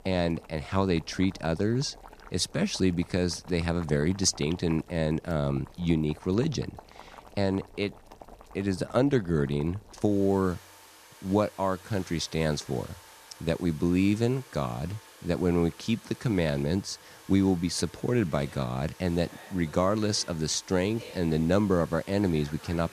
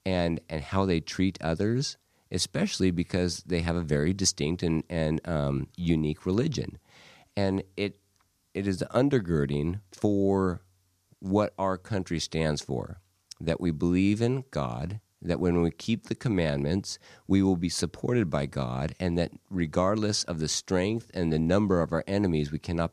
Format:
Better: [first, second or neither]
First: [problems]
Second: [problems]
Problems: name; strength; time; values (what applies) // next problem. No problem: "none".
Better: second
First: household noises; faint; throughout; 20 dB below the speech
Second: none